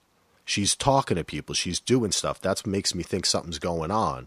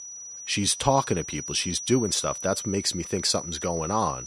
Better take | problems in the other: first | high-pitched whine; loud; throughout; 6 kHz, 9 dB below the speech

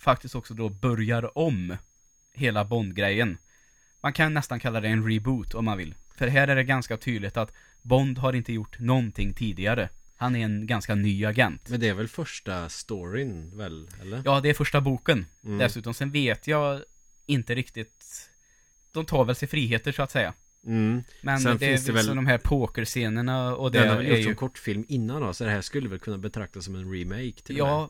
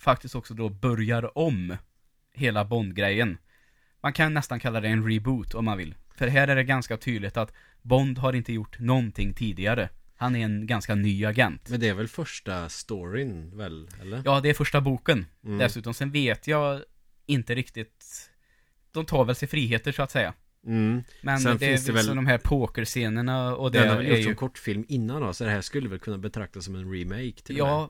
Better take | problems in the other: second | high-pitched whine; faint; throughout; 6.5 kHz, 35 dB below the speech

